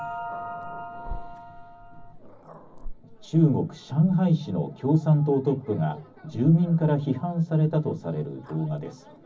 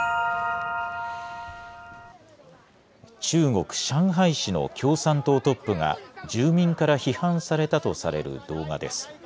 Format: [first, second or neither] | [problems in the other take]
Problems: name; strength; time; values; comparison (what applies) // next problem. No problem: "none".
second | background sound (Growling); 18 dB below the speech // room echo; dies away in 0.4 s